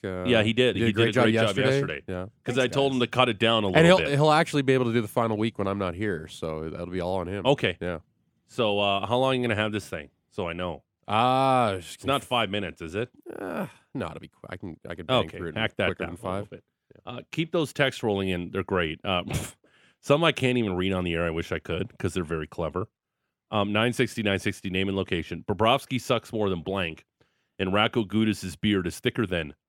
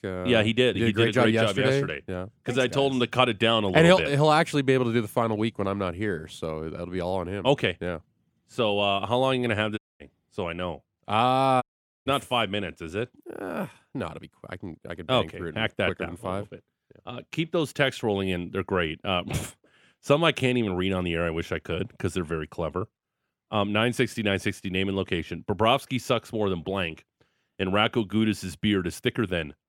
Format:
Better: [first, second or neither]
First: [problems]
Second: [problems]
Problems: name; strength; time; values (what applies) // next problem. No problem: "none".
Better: first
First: none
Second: audio cutting out; at 10 s and at 12 s